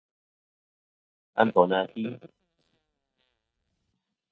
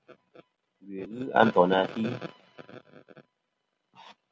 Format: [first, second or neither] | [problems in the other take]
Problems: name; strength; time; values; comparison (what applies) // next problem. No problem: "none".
second | noise reduction (neural mask model DeepFilterNet 3)